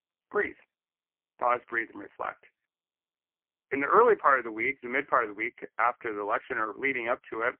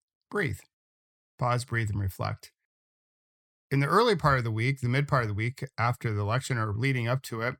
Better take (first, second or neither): second